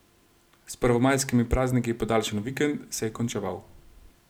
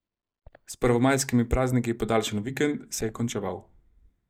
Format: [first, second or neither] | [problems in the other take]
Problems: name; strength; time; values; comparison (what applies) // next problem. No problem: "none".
first | noise reduction (neural mask model DeepFilterNet 3)